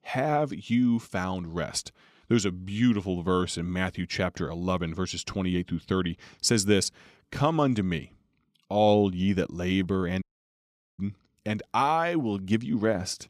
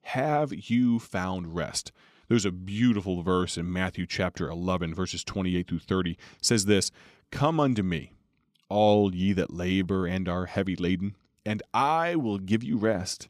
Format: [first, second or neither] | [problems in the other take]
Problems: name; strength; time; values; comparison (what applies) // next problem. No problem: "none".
second | audio cutting out; at 10 s for 1 s